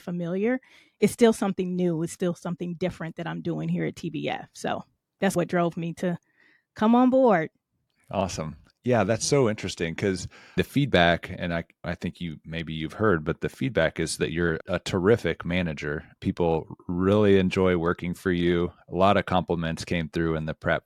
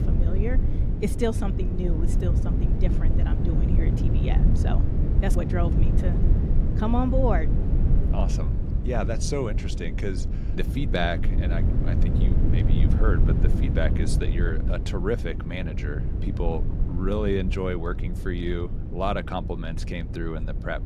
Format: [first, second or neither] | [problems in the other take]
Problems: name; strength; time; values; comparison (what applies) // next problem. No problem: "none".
first | low rumble; loud; throughout; 5 dB below the speech